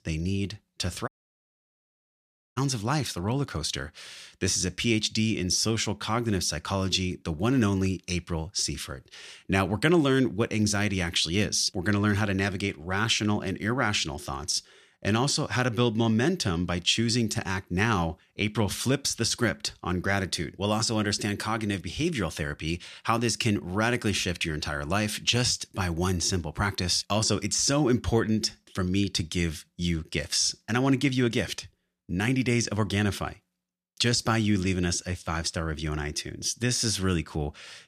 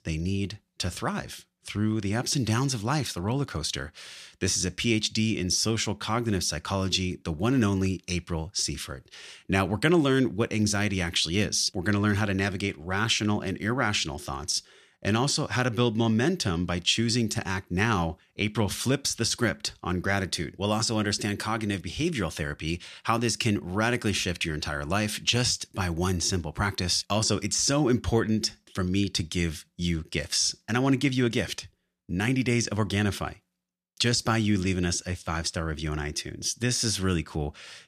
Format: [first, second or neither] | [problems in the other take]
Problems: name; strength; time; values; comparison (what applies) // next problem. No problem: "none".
second | audio cutting out; at 1 s for 1.5 s